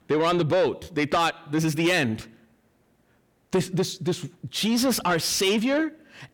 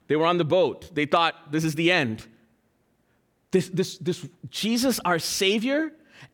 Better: second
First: distortion; slight; 10 dB below the speech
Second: none

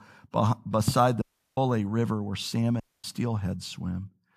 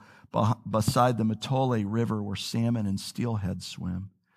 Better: second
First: audio cutting out; at 1 s and at 3 s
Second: none

